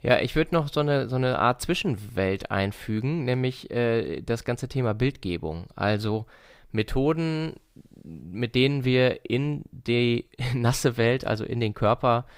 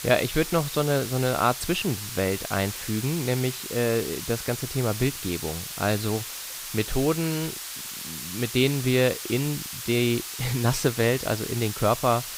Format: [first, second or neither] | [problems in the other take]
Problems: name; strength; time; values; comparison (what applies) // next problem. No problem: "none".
first | hiss; loud; throughout; 7 dB below the speech